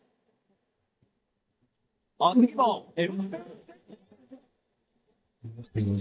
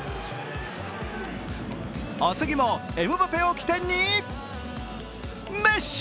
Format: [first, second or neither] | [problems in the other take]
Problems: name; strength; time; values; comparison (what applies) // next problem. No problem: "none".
second | noise reduction (neural mask model DeepFilterNet 3)